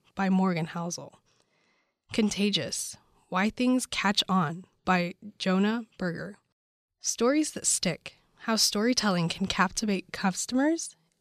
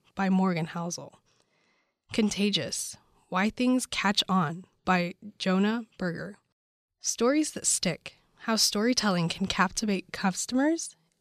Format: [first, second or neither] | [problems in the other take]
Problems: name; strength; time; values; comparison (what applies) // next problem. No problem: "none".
neither | none